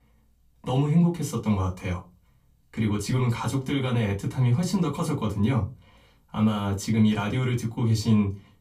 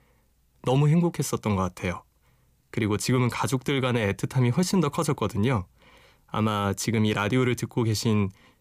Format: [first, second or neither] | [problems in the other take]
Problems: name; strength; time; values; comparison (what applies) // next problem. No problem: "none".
second | off-mic speech; far // room echo; very slight; dies away in 0.2 s